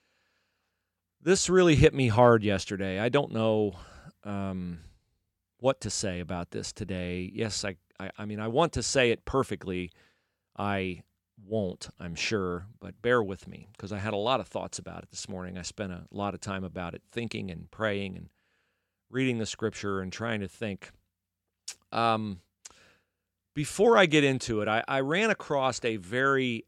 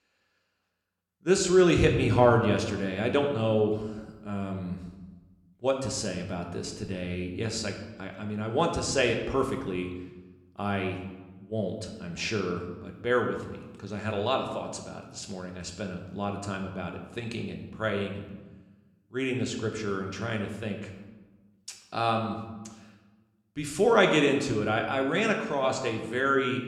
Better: first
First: none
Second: room echo; slight; dies away in 0.9 s

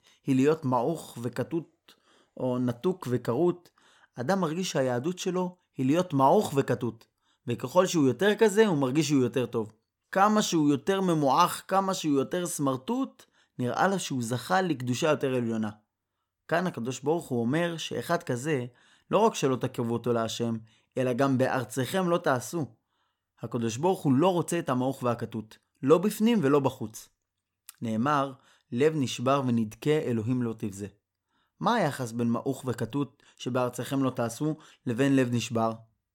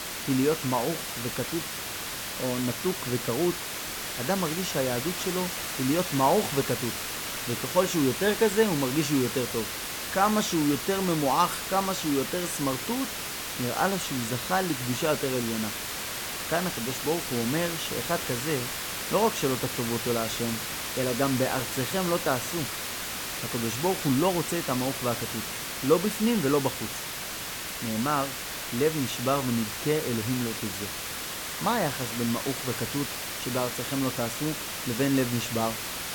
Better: first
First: none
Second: hiss; loud; throughout; 3 dB below the speech

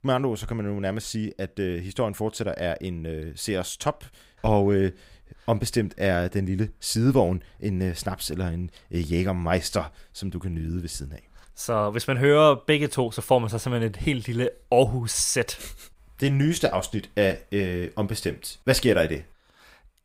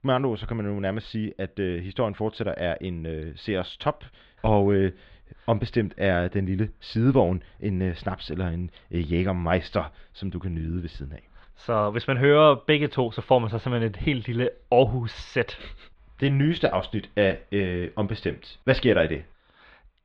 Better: first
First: none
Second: muffled; very; fading above 3.5 kHz

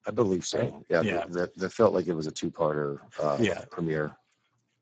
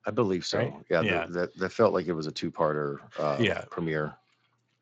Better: second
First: garbled, watery; badly; nothing above 7.5 kHz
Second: garbled, watery; slightly; nothing above 7.5 kHz

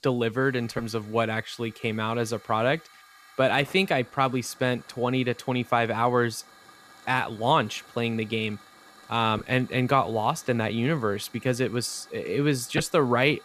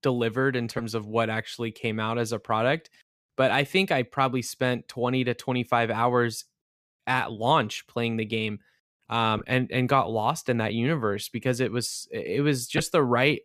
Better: second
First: hiss; faint; throughout; 25 dB below the speech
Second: none

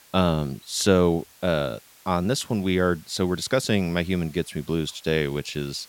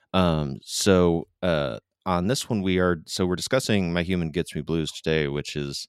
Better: second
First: hiss; faint; throughout; 25 dB below the speech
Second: none

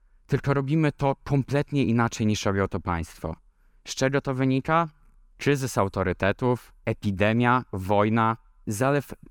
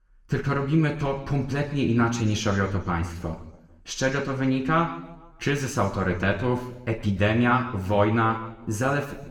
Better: first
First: none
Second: room echo; slight; dies away in 0.9 s // off-mic speech; somewhat distant

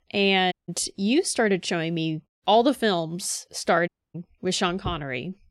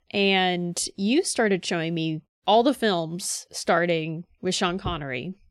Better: second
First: audio cutting out; at 0.5 s and at 4 s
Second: none

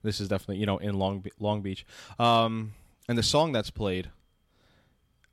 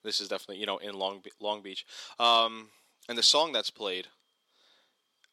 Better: first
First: none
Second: thin; somewhat; fading below 350 Hz

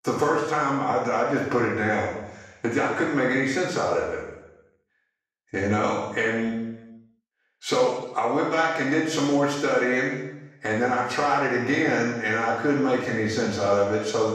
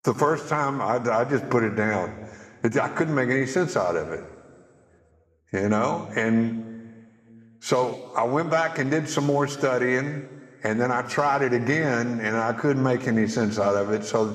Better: second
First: room echo; strong; dies away in 0.9 s // off-mic speech; far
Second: room echo; slight; dies away in 1.9 s

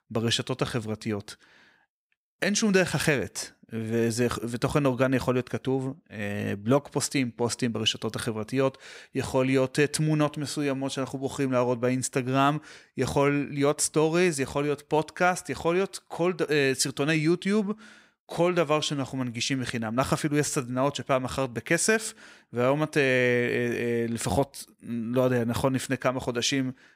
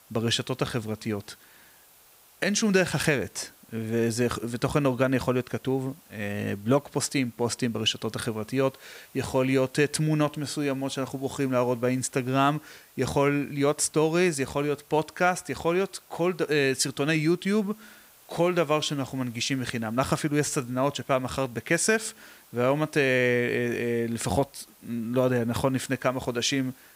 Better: first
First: none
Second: hiss; faint; throughout; 25 dB below the speech

